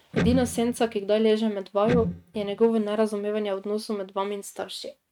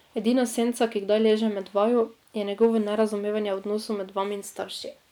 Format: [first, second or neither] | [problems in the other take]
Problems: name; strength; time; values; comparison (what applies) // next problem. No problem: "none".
second | noise reduction (neural mask model RNNoise)